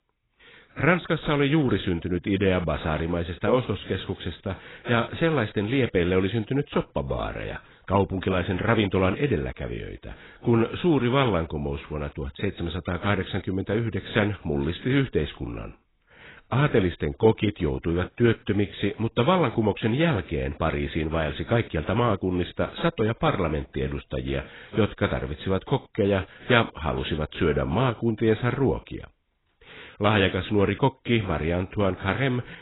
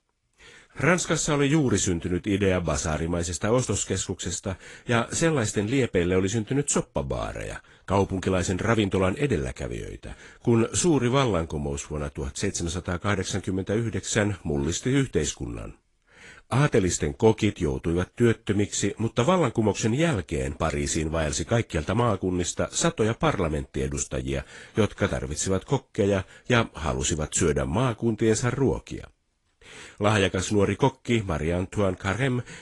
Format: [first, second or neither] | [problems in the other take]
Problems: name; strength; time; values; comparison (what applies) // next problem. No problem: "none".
second | garbled, watery; badly; nothing above 4 kHz; slightly in the second